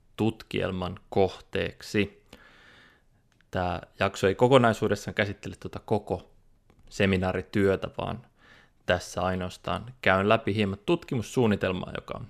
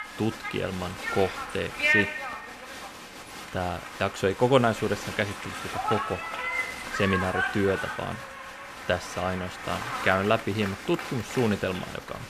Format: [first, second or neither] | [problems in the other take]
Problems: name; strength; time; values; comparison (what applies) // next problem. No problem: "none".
first | crowd noise; loud; throughout; 4 dB below the speech